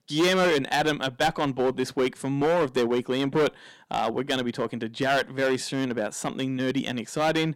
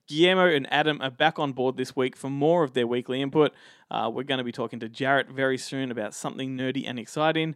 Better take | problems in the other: second | distortion; heavy; 10% of the sound clipped

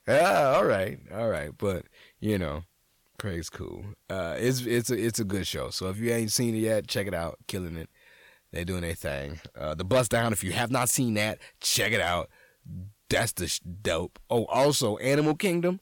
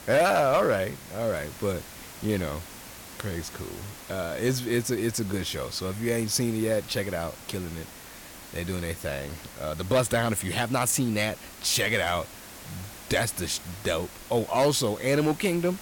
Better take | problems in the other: first | hiss; noticeable; throughout; 15 dB below the speech

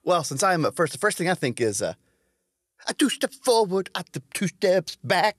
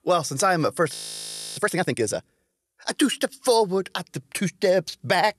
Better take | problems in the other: first | audio freezing; at 1 s for 0.5 s

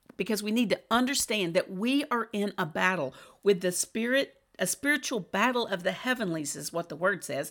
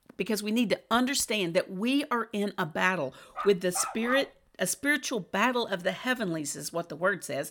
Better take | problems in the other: first | dog barking; noticeable; at 3.5 s; peak 6 dB below the speech

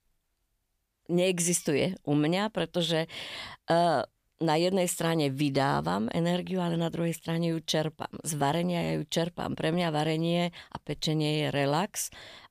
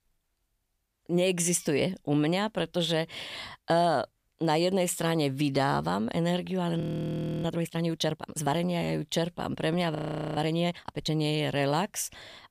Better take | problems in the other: first | audio freezing; at 7 s for 0.5 s and at 10 s

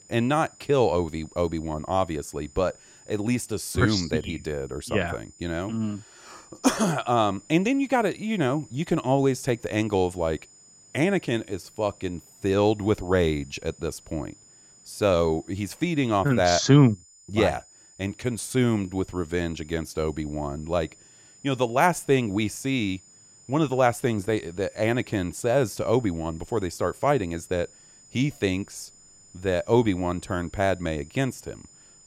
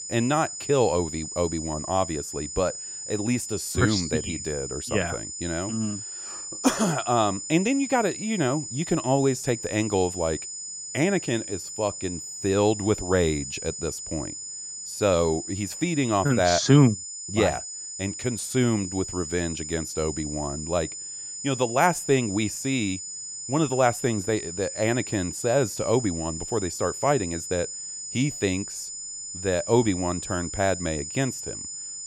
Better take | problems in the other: first | high-pitched whine; loud; throughout; 7 kHz, 7 dB below the speech; faint in the first

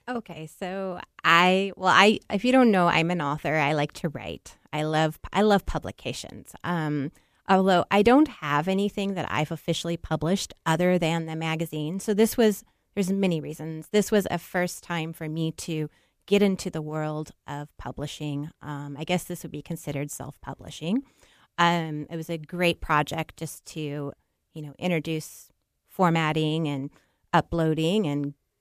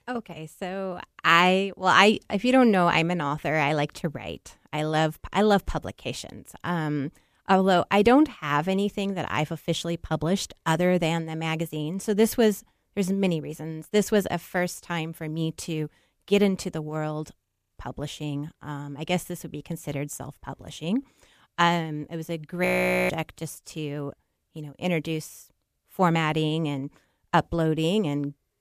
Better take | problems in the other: first | audio freezing; at 17 s and at 23 s

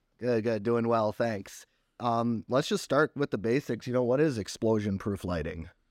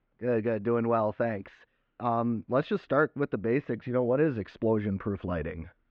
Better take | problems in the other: first | muffled; very; fading above 2.5 kHz

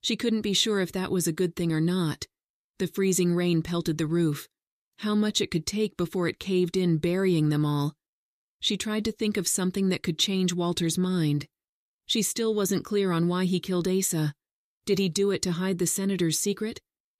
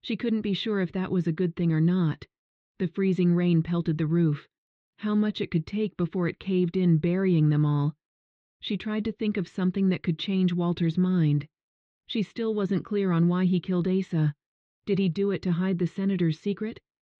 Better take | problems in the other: first | muffled; very; fading above 3 kHz

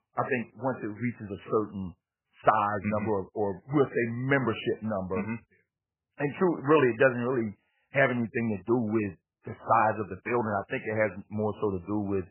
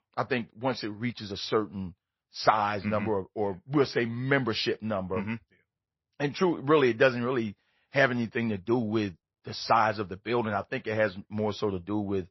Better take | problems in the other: second | garbled, watery; badly; nothing above 3 kHz; slightly in the second

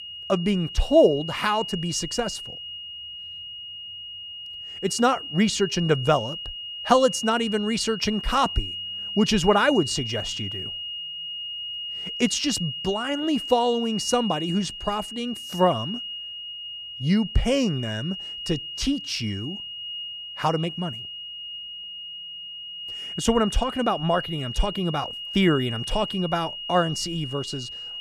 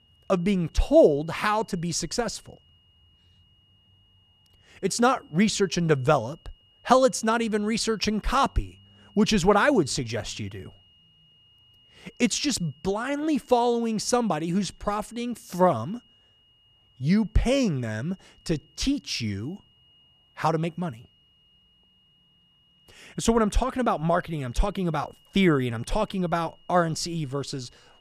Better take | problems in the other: second | high-pitched whine; loud; throughout; 3 kHz, 8 dB below the speech; faint in the second

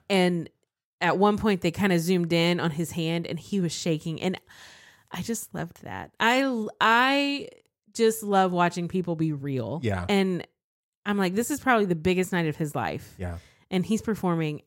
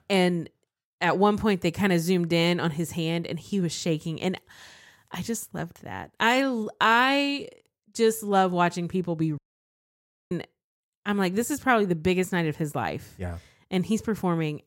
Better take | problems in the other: first | audio cutting out; at 9.5 s for 1 s

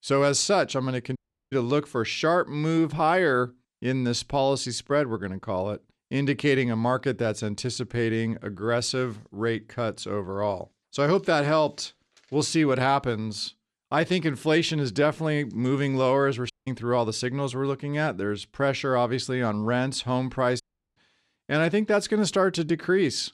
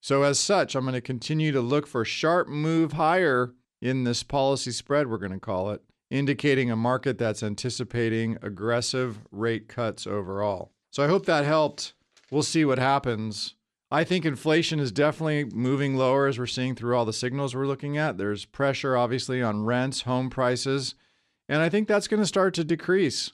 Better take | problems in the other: second | audio cutting out; at 1 s, at 17 s and at 21 s

